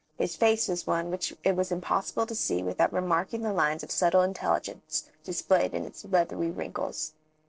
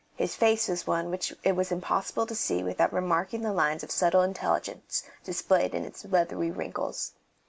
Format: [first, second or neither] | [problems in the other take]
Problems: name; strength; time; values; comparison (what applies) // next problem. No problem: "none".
second | noise reduction (neural separator model SepFormer DNS4)